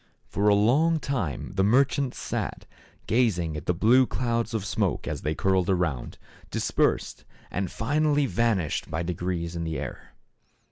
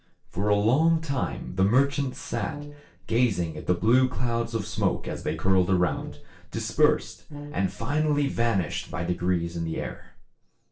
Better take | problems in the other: first | noise reduction (neural separator model SepFormer DNS4)

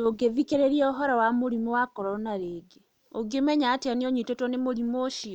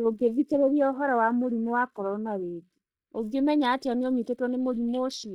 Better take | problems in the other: first | noise reduction (neural mask model DeepFilterNet 3)

